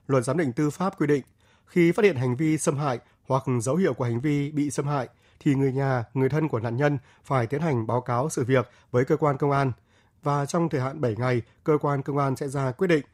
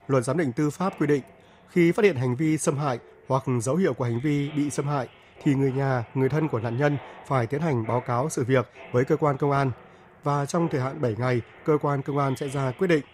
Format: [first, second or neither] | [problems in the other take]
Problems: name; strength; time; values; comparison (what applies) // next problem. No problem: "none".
first | machinery noise; faint; throughout; 20 dB below the speech